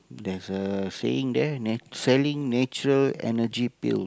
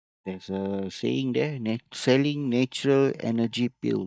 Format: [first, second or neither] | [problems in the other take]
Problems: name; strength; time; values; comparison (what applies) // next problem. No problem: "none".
first | noise reduction (neural mask model DeepFilterNet 3)